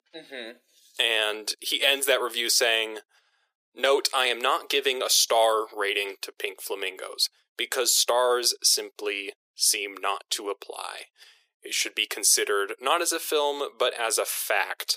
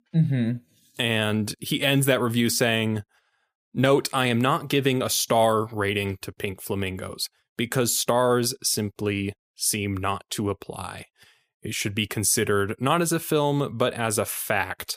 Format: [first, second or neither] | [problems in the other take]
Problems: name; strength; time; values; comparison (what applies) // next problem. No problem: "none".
second | thin; very; fading below 400 Hz